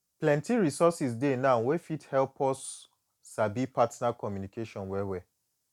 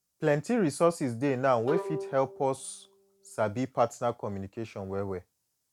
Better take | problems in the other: first | background sound (Bowed string instrument); 11 dB below the speech

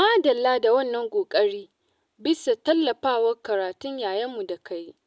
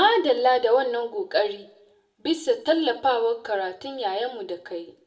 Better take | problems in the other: first | room echo; dies away in 0.4 s

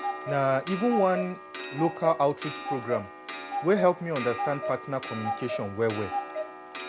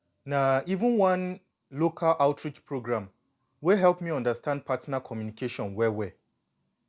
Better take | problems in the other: second | background sound (Clock); 6 dB below the speech

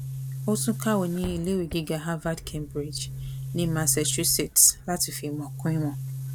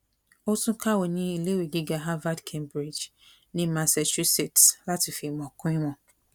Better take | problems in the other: second | background sound (Boom); 8 dB below the speech

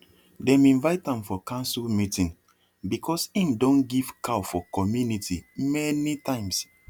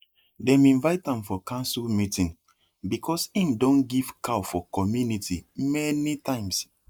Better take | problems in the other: first | noise reduction (neural mask model Resemble Enhance denoiser)

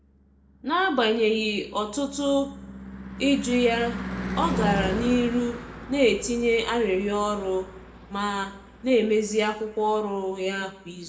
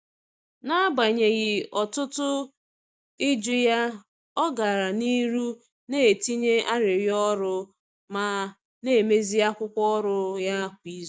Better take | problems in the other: second | background sound (Car passing by / Engine / Truck); 10 dB below the speech // room echo; dies away in 0.6 s

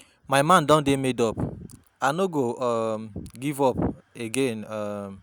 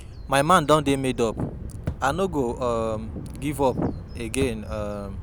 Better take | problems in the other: first | background sound (Thump, thud + Bird vocalization, bird call, bird song); 10 dB below the speech

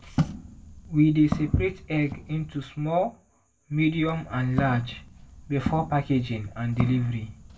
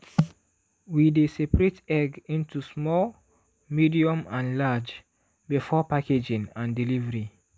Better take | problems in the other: second | background sound (Walk, footsteps); 10 dB below the speech // room echo; dies away in 0.2 s

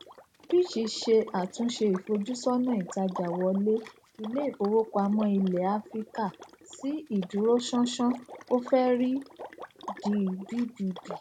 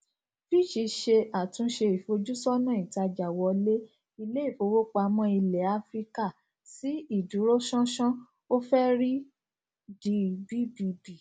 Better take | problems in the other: second | background sound (Water / Liquid); 16 dB below the speech

